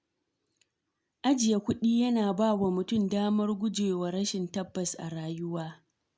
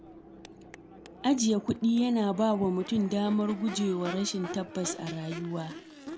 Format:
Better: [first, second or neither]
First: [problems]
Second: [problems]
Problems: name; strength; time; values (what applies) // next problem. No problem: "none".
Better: first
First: none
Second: background sound (Crowd / Race car, auto racing / Accelerating, revving, vroom); 14 dB below the speech